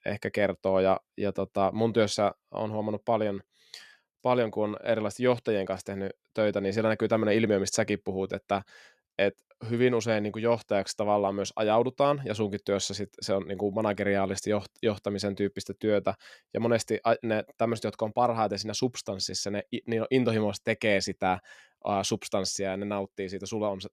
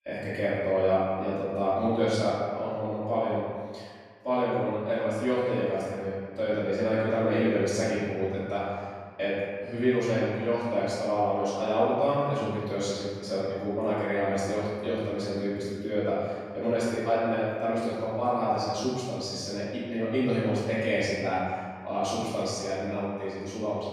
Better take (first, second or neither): first